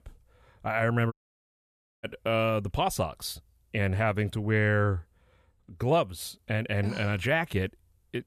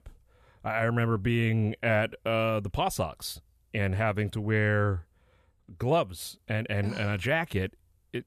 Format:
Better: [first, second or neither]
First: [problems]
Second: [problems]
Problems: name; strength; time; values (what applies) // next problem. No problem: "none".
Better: second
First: audio cutting out; at 1 s for 1 s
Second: none